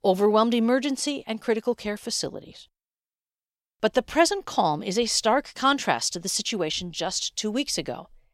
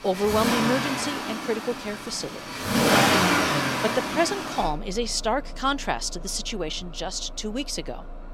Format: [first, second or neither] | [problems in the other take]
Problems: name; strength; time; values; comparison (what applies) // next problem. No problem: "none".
first | traffic noise; very loud; throughout; 3 dB above the speech